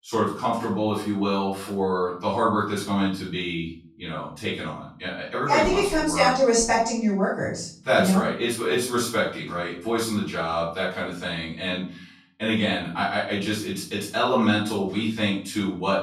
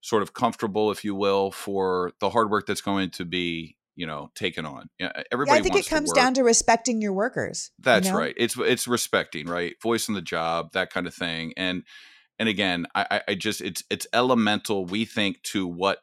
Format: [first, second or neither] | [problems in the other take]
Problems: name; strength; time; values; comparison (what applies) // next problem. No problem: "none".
second | off-mic speech; far // room echo; noticeable; dies away in 0.4 s